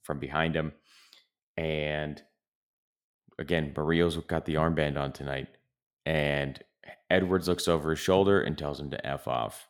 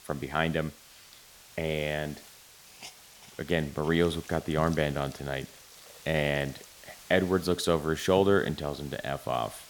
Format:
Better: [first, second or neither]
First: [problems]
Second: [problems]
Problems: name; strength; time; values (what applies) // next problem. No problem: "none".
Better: first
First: none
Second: hiss; noticeable; throughout; 20 dB below the speech